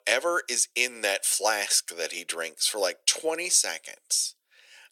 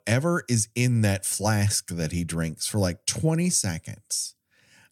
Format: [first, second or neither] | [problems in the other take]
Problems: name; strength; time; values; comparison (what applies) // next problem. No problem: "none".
second | thin; very; fading below 400 Hz